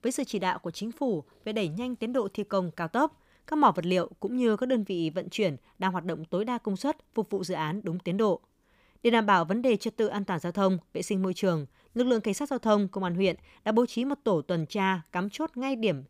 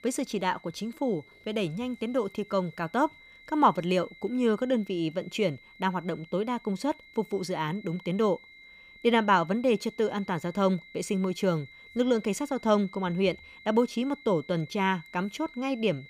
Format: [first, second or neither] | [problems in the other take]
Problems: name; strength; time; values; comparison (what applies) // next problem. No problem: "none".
first | high-pitched whine; faint; throughout; 2 kHz, 20 dB below the speech